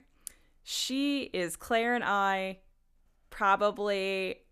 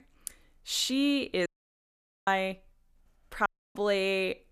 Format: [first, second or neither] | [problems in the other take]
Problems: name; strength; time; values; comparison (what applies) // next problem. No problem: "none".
first | audio cutting out; at 1.5 s for 1 s and at 3.5 s